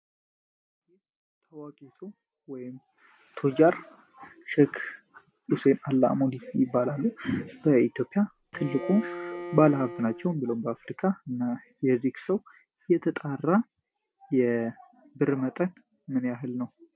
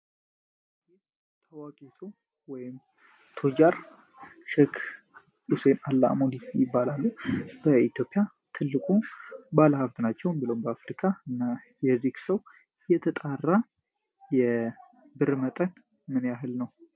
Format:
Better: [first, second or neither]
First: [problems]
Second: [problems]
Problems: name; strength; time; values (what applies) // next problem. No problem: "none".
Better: second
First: background sound (Bowed string instrument); 11 dB below the speech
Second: none